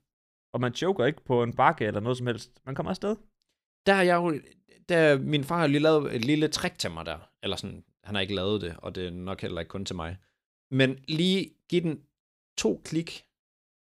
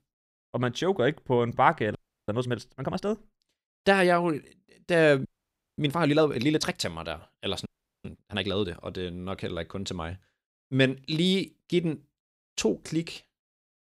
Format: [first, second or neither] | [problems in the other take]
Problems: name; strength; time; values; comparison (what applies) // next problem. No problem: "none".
first | audio freezing; at 2 s, at 5.5 s for 0.5 s and at 7.5 s